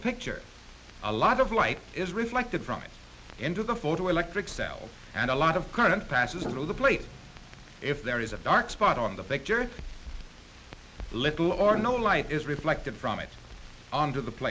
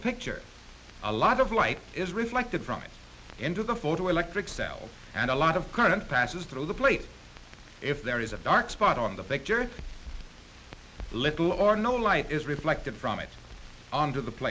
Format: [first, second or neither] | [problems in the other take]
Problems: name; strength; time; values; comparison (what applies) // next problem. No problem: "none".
second | background sound (Piano); 15 dB below the speech